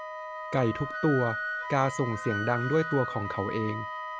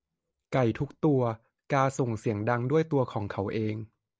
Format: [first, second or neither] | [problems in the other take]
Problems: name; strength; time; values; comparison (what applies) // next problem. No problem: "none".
second | background sound (Wind instrument, woodwind instrument + Wind instrument, woodwind instrument); 6 dB below the speech